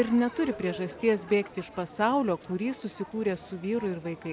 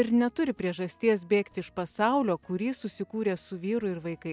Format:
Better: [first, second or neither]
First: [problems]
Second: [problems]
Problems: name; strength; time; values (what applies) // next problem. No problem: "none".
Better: second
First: background sound (Crowd); 16 dB below the speech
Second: none